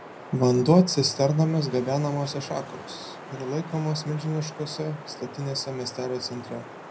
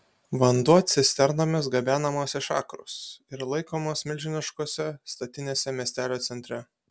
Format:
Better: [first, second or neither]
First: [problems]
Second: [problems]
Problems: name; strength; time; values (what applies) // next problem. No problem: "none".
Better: second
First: background sound (Wind); 15 dB below the speech // room echo; dies away in 0.4 s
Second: none